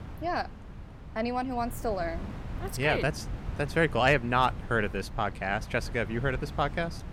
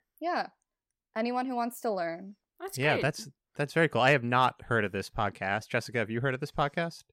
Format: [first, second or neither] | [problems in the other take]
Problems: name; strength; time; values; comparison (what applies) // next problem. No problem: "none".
second | wind noise on the microphone; occasional gusts; 20 dB below the speech